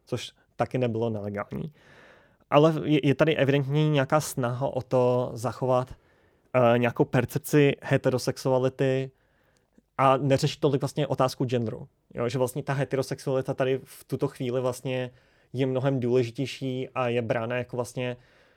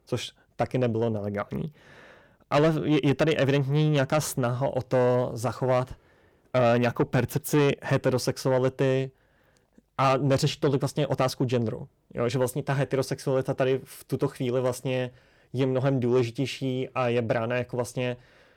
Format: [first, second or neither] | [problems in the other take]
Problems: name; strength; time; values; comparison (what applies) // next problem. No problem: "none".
first | distortion; slight; 10 dB below the speech